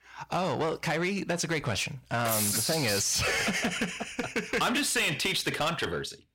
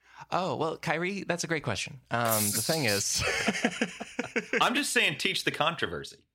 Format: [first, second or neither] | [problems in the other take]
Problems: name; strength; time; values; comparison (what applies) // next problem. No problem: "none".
second | distortion; heavy; 7 dB below the speech